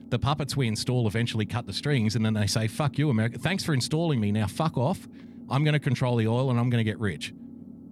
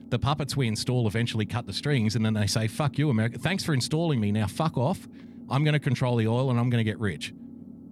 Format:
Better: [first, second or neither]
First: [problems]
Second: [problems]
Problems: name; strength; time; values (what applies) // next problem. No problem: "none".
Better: neither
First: low rumble; faint; throughout; 20 dB below the speech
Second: low rumble; faint; throughout; 20 dB below the speech